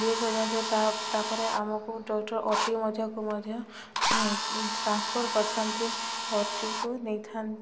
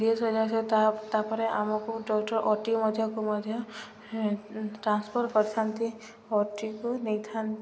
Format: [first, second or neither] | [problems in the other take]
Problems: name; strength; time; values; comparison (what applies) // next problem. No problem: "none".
second | background sound (Drill); 2 dB below the speech